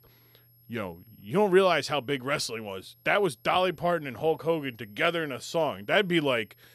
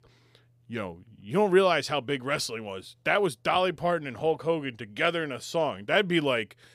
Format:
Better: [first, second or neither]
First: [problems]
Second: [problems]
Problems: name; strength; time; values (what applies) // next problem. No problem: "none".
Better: second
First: high-pitched whine; faint; throughout; 11.5 kHz, 30 dB below the speech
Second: none